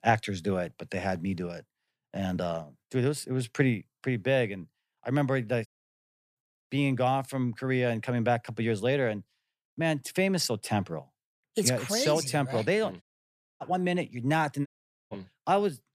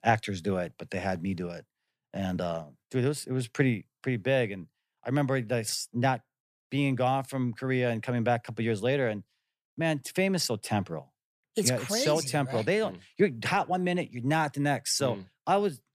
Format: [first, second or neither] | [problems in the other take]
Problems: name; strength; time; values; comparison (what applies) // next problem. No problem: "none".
second | audio cutting out; at 5.5 s for 0.5 s, at 13 s for 0.5 s and at 15 s